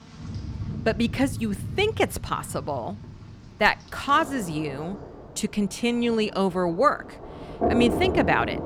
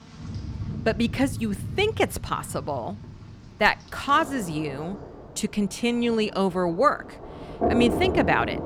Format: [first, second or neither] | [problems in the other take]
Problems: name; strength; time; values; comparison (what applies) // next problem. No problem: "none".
neither | rain or running water; loud; throughout; 8 dB below the speech; the same in both